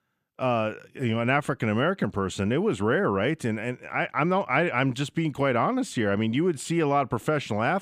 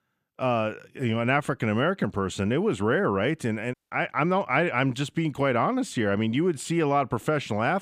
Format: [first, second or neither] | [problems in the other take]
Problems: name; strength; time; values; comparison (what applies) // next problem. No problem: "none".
first | audio cutting out; at 3.5 s